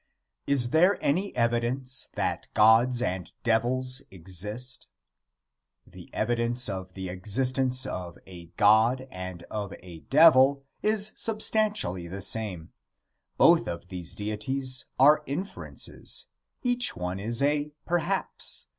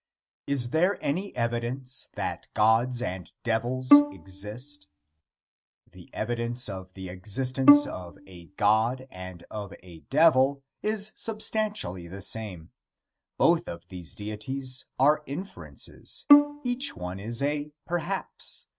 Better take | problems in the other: first | noise reduction (neural mask model RNNoise)

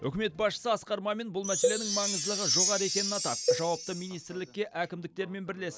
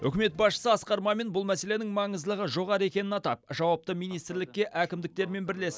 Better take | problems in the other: second | background sound (Chime + Cowbell); 2 dB above the speech

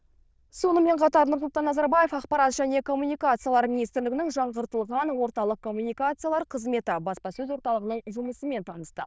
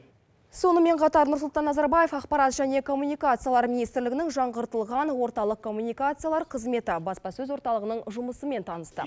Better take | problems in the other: second | noise reduction (neural diffusion model UNIVERSE++)

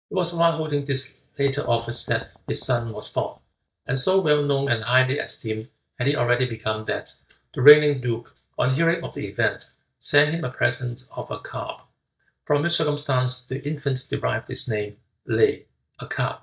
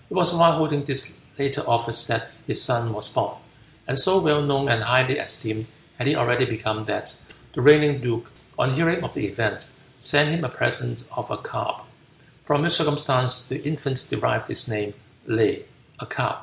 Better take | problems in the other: second | noise reduction (neural mask model DeepFilterNet 3)

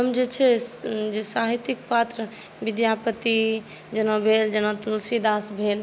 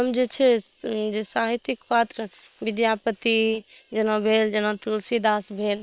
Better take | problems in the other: first | noise reduction (neural separator model SepFormer WHAM!)

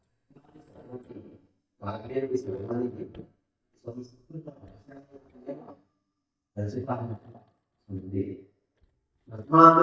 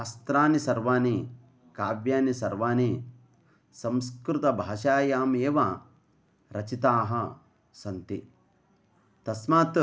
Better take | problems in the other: second | noise reduction (neural mask model DeepFilterNet 3)

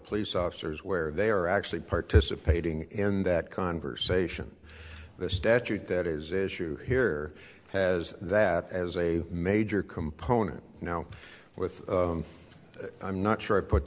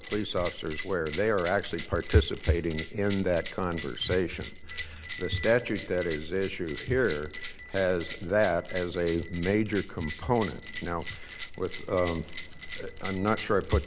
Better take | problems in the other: first | background sound (Bell); 11 dB below the speech

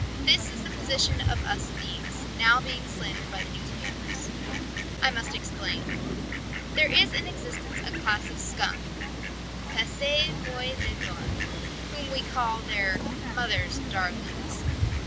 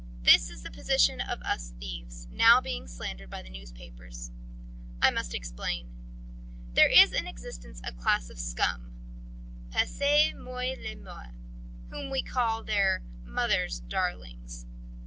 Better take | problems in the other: second | background sound (Fowl); 2 dB below the speech

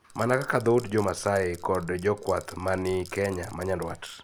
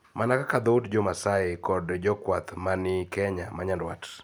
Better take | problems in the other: second | background sound (Rattle / Rattle (instrument)); 19 dB below the speech

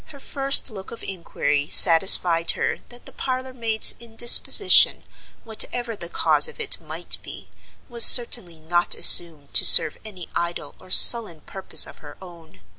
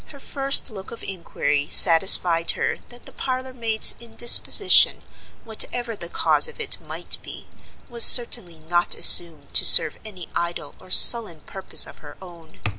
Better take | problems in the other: first | background sound (Alarm); 17 dB below the speech

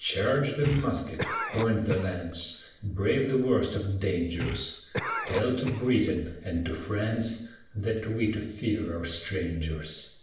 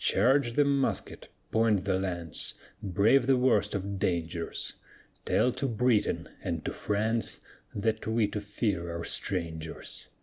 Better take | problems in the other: second | background sound (Cough); 7 dB below the speech // room echo; dies away in 0.7 s

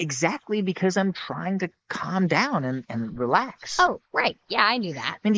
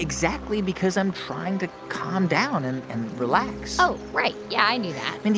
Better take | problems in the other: second | noise reduction (neural mask model Resemble Enhance denoiser)

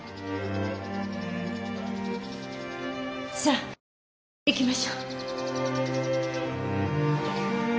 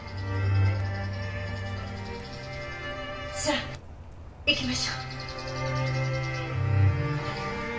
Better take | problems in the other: first | background sound (Rain); 13 dB below the speech // room echo; dies away in 0.2 s

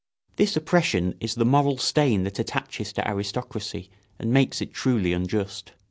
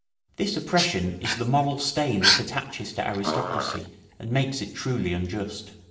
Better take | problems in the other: first | background sound (Dog); 1 dB below the speech // room echo; dies away in 1.3 s

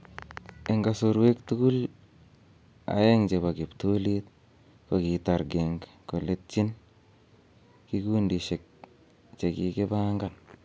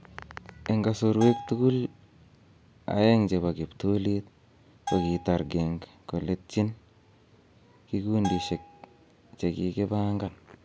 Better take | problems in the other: first | background sound (Bell); 12 dB below the speech

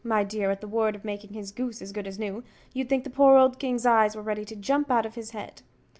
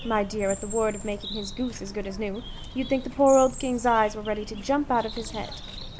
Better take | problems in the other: first | background sound (Bird); 11 dB below the speech

